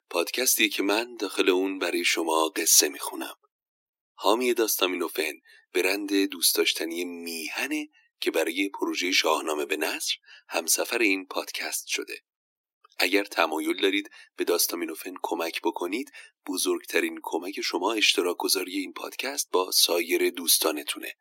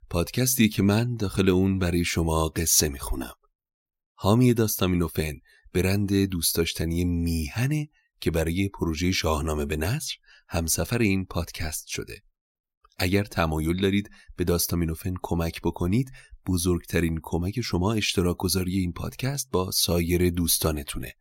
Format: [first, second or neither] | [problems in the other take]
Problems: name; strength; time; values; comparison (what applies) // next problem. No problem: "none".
second | thin; somewhat; fading below 300 Hz